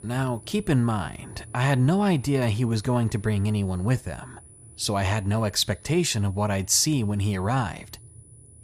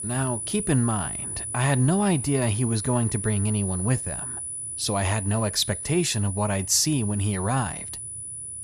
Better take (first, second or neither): first